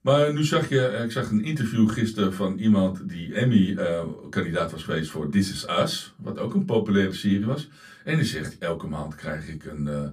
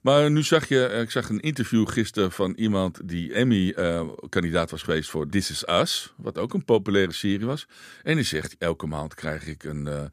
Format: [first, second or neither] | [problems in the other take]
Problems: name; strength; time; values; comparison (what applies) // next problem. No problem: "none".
second | off-mic speech; far // room echo; very slight; dies away in 0.2 s